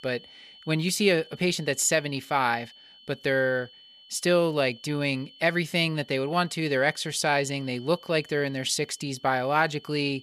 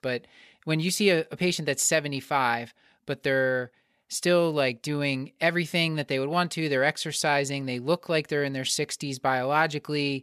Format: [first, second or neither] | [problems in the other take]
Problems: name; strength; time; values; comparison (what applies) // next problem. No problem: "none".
second | high-pitched whine; faint; throughout; 3 kHz, 25 dB below the speech